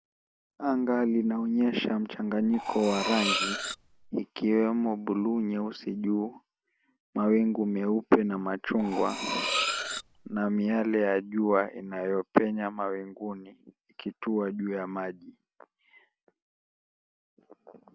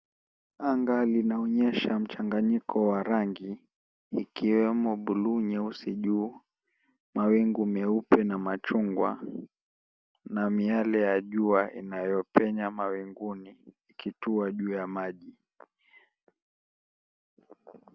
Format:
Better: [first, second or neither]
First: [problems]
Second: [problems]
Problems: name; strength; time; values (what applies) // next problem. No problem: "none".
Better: second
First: background sound (Cutlery, silverware); 3 dB below the speech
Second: none